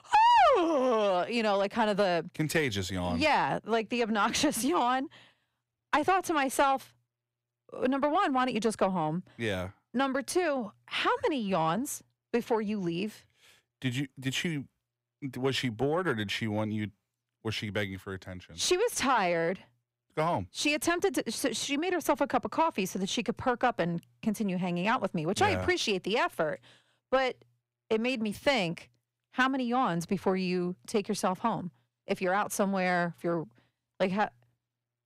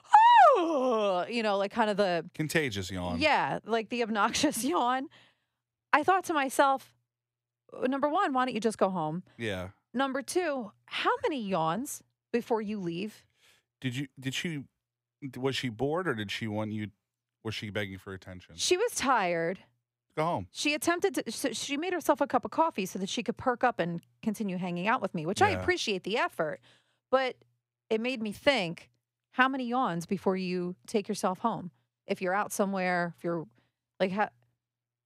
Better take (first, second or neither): second